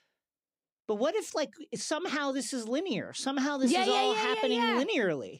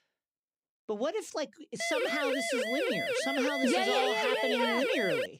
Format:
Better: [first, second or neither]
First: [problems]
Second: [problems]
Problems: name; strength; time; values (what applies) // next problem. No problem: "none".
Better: first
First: none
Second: siren; loud; from 2 s on; peak 2 dB above the speech